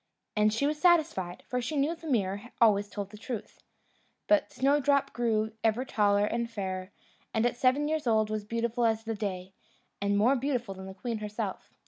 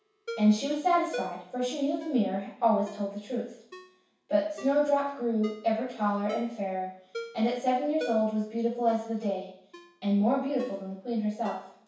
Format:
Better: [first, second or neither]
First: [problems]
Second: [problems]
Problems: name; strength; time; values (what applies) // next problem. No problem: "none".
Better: first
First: none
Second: background sound (Ringtone); 17 dB below the speech // room echo; dies away in 0.7 s